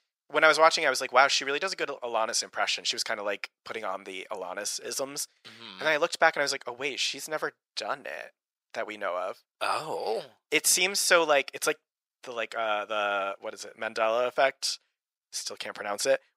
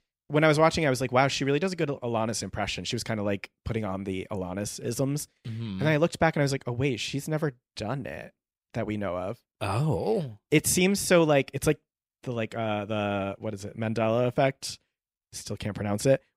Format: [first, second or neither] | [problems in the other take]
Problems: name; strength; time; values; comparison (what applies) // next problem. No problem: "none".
second | thin; very; fading below 700 Hz